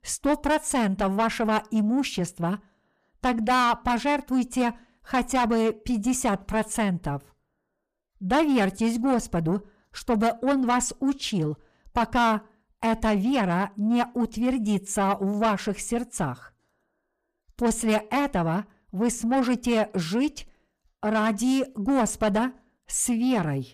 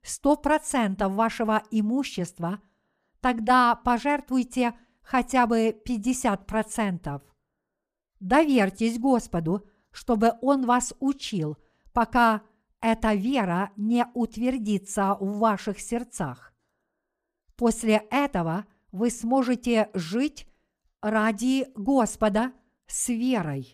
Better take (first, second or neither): second